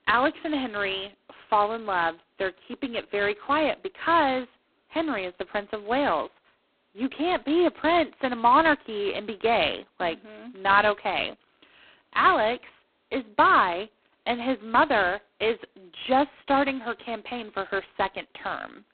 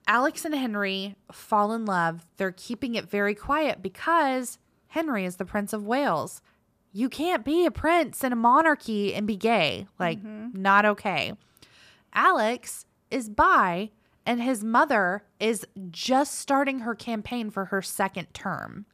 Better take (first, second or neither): second